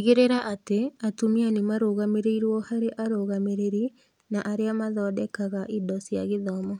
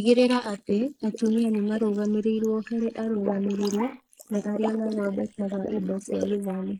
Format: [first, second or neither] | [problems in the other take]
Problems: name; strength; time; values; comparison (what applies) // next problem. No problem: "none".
first | noise reduction (neural mask model Resemble Enhance denoiser)